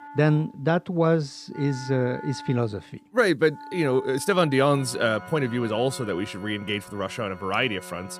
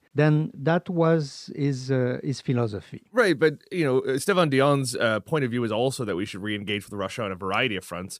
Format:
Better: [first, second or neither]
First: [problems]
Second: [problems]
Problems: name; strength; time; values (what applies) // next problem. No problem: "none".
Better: second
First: background music; noticeable; throughout; 15 dB below the speech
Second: none